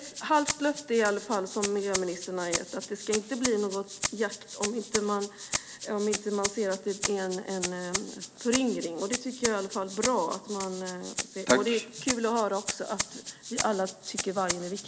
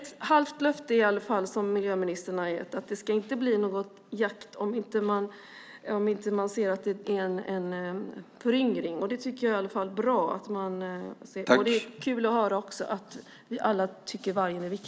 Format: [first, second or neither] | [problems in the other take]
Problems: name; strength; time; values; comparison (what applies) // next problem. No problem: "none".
second | background sound (Rattle (instrument)); 6 dB below the speech